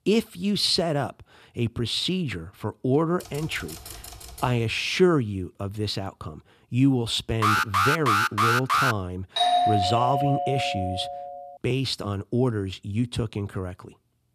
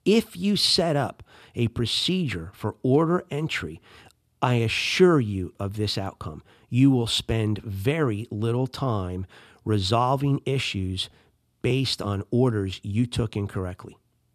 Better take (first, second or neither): second